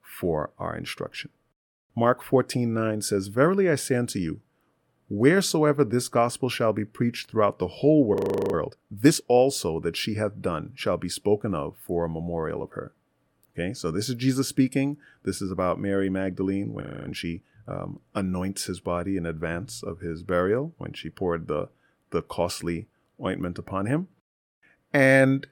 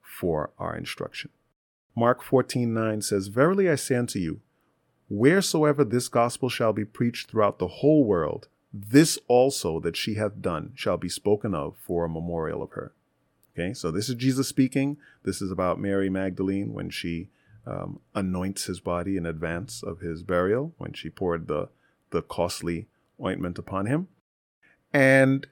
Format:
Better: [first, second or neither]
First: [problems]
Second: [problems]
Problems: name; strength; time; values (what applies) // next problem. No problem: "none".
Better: second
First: audio freezing; at 8 s and at 17 s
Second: none